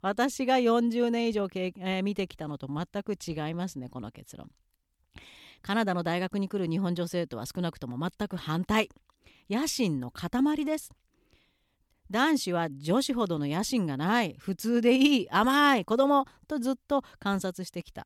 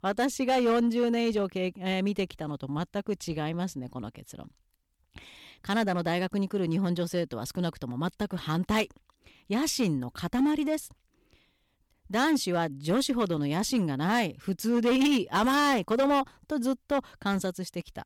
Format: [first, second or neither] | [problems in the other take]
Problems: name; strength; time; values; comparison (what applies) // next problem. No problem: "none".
first | distortion; slight; 5% of the sound clipped